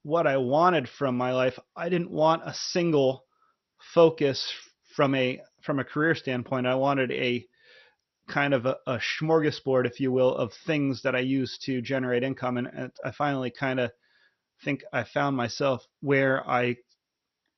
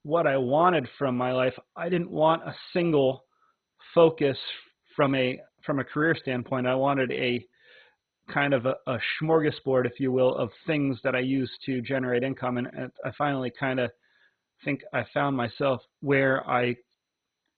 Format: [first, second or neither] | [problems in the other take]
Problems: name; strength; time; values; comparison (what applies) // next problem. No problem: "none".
first | garbled, watery; badly; nothing above 4 kHz; slightly in the first